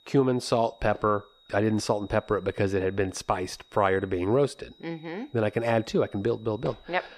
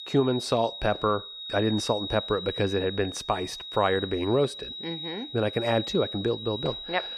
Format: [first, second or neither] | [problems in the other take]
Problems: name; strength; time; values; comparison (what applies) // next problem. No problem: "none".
first | high-pitched whine; loud; throughout; 4 kHz, 8 dB below the speech; faint in the first